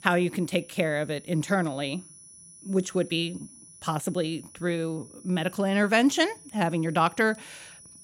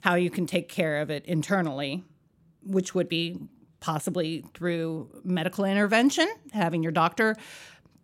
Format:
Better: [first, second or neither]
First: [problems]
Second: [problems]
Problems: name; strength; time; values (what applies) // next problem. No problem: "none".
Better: second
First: high-pitched whine; faint; throughout; 10 kHz, 20 dB below the speech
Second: none